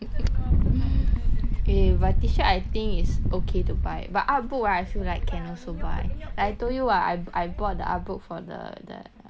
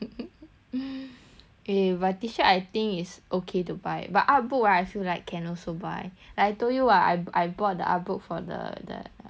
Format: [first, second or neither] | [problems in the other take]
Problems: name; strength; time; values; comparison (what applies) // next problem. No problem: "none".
second | background sound (Wind); 5 dB above the speech